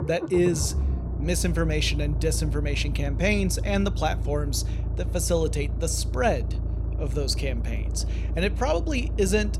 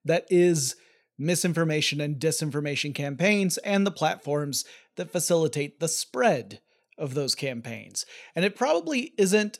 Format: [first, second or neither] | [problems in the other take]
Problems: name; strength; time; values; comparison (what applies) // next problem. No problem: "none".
second | low rumble; noticeable; throughout; 15 dB below the speech